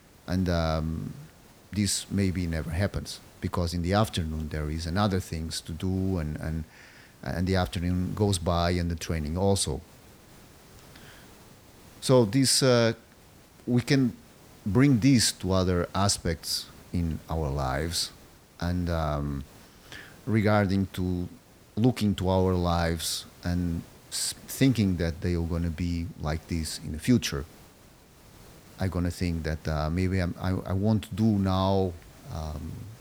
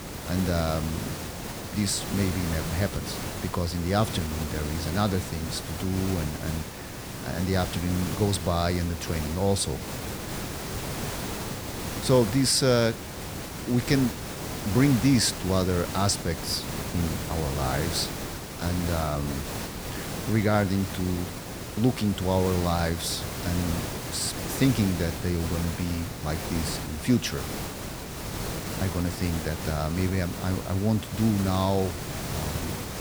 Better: first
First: hiss; faint; throughout; 25 dB below the speech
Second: hiss; loud; throughout; 6 dB below the speech

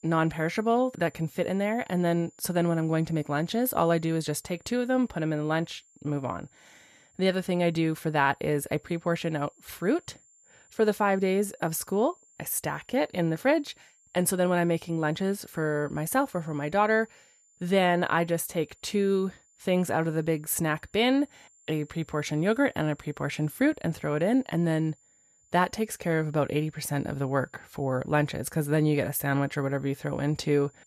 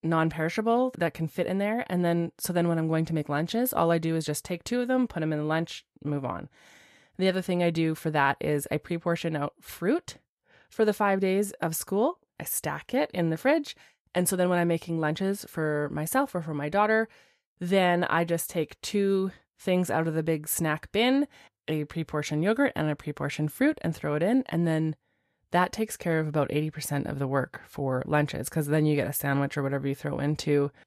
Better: second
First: high-pitched whine; faint; throughout; 7.5 kHz, 30 dB below the speech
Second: none

